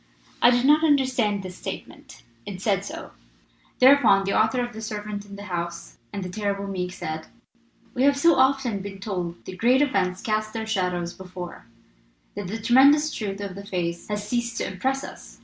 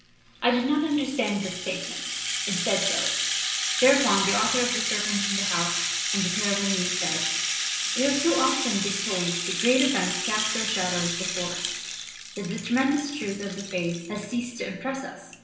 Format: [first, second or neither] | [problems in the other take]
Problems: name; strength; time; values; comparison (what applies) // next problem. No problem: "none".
first | background sound (Rattle (instrument)); 1 dB below the speech // room echo; dies away in 0.9 s